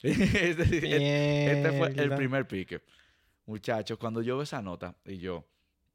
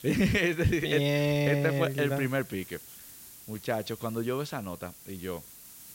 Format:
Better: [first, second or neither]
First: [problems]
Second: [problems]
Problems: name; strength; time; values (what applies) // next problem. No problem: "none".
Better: first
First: none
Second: hiss; noticeable; throughout; 20 dB below the speech